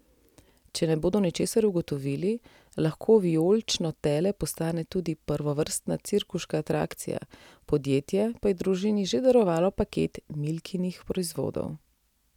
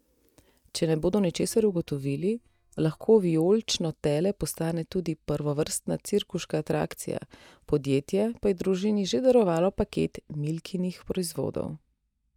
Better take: first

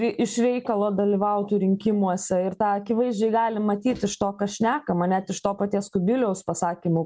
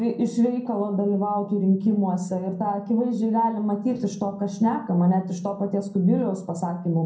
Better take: first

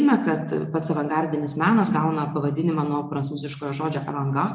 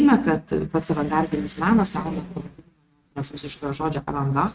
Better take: first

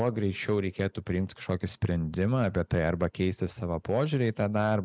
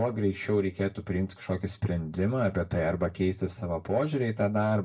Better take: first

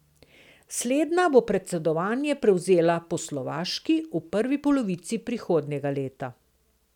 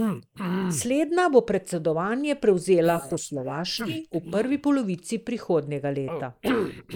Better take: first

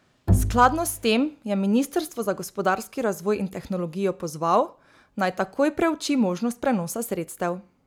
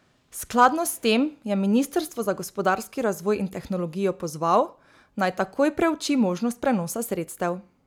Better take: second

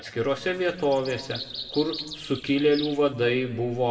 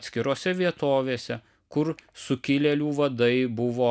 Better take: second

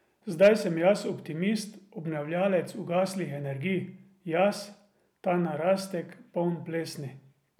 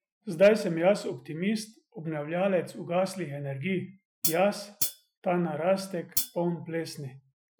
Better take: first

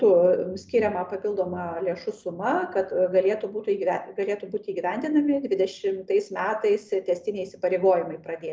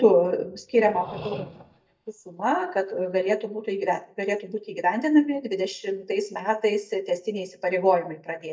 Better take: first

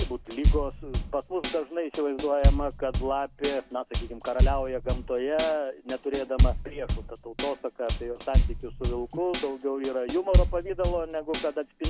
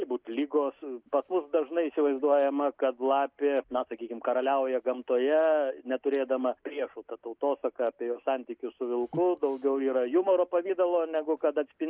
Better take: second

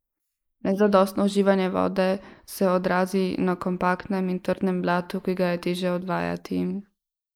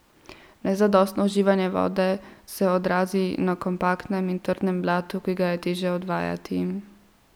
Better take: second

